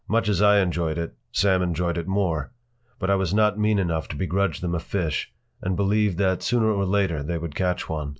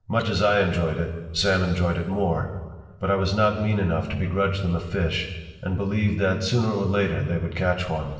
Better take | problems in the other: first | noise reduction (neural separator model SepFormer DNS4)

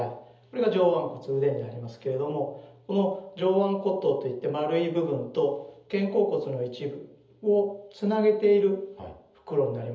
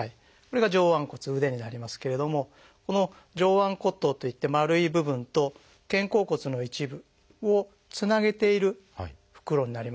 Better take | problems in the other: second | room echo; dies away in 0.7 s

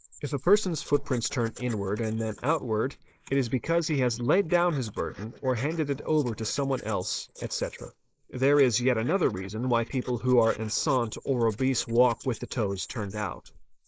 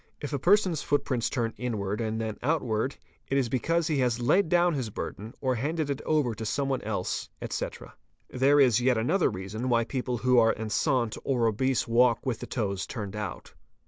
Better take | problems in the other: second | noise reduction (neural mask model Resemble Enhance denoiser)

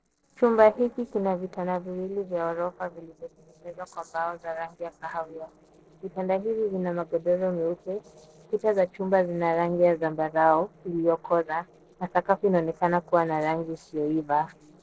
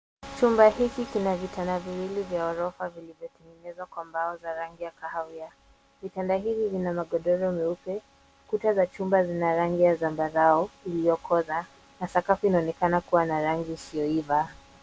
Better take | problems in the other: second | noise reduction (neural separator model SepFormer DNS4)

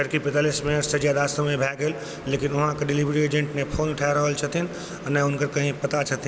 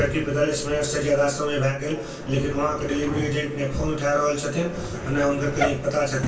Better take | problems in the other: first | background sound (Drawer open or close); 10 dB below the speech // room echo; dies away in 0.3 s

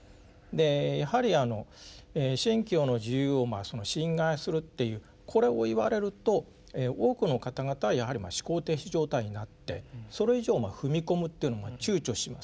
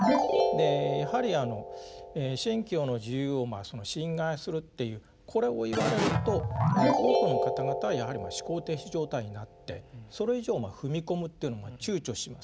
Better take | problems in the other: first | background sound (Keyboard (musical)); as loud as the speech

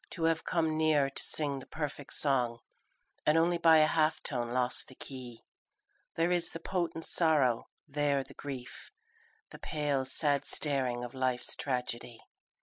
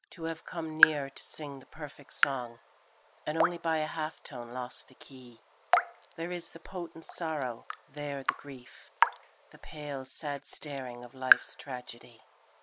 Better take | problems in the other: first | background sound (Raindrop / Drip); 3 dB above the speech

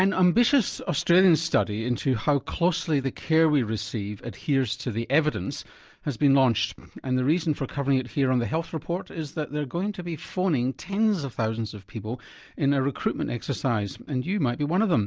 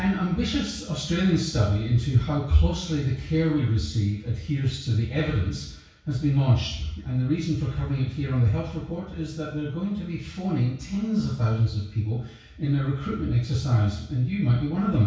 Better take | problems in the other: first | room echo; dies away in 0.6 s

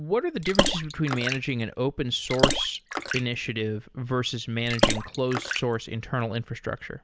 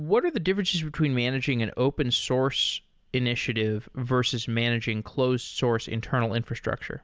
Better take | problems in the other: second | background sound (Water / Splash, splatter); 1 dB below the speech

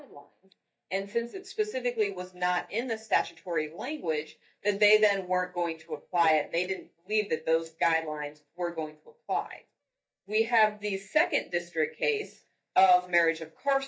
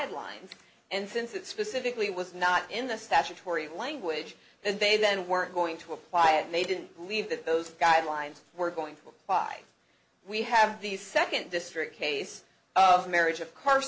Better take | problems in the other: second | noise reduction (neural mask model DeepFilterNet 3)

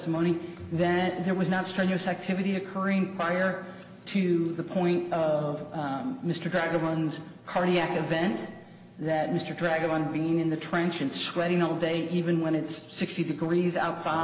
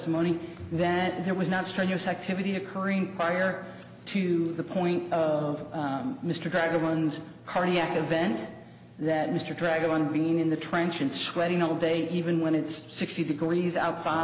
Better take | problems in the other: second | room echo; dies away in 0.7 s

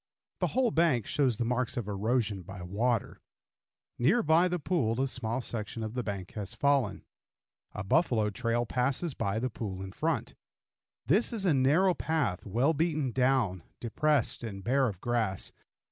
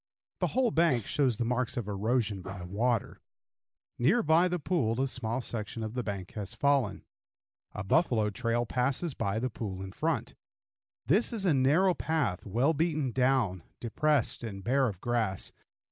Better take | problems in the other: first | noise reduction (neural mask model Resemble Enhance denoiser)

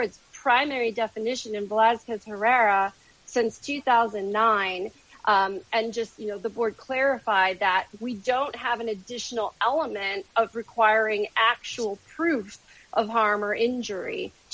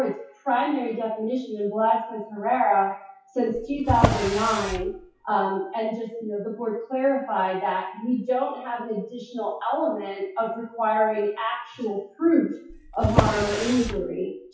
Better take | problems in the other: first | noise reduction (classical method WPE with log-MMSE)

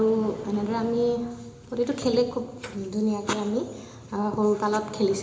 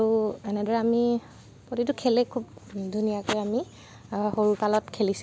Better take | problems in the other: second | background sound (Sliding door); 17 dB below the speech // room echo; dies away in 0.8 s

